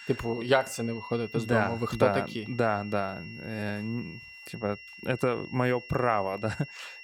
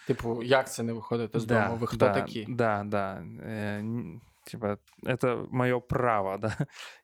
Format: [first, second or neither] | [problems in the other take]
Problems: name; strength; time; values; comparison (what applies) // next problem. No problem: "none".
second | high-pitched whine; noticeable; throughout; 3 kHz, 15 dB below the speech